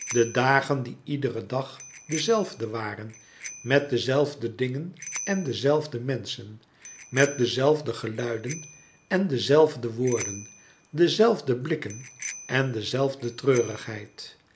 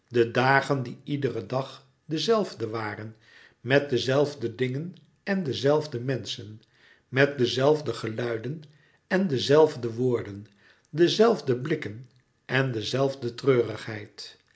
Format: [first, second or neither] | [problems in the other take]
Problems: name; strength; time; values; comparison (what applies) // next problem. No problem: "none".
second | background sound (Bicycle bell); 16 dB below the speech